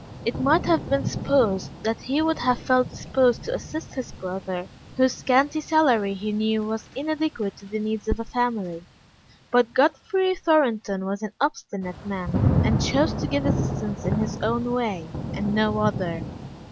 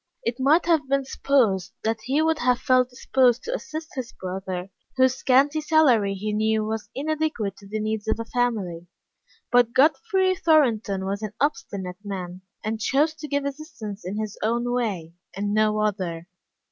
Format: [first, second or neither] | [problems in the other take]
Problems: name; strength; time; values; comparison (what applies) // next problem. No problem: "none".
second | background sound (Thunder / Rain); 6 dB below the speech